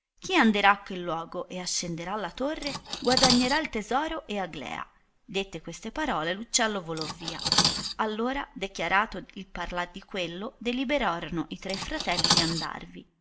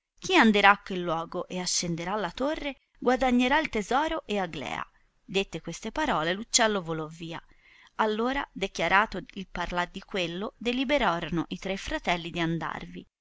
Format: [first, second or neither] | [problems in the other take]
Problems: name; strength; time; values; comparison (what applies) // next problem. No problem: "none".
second | background sound (Cutlery, silverware); 3 dB below the speech // room echo; dies away in 0.4 s